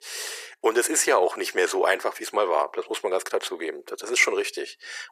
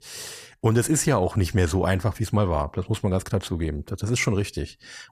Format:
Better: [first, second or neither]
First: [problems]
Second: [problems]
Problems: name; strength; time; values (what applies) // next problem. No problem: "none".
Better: second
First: thin; very; fading below 400 Hz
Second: none